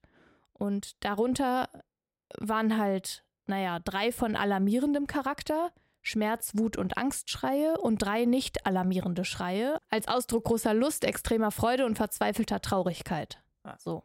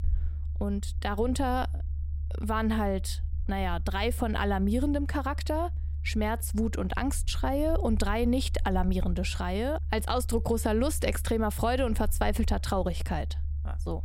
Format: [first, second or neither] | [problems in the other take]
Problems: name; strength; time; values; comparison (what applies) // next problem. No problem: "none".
first | low rumble; faint; throughout; 20 dB below the speech